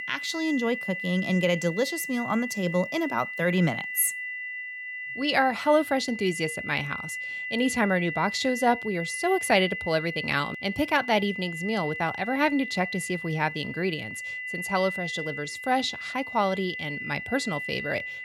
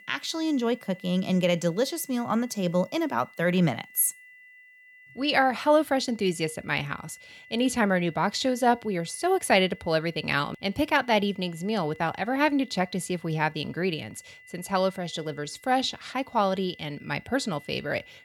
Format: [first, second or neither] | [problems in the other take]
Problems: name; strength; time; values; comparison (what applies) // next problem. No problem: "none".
second | high-pitched whine; loud; throughout; 2 kHz, 6 dB below the speech; faint in the second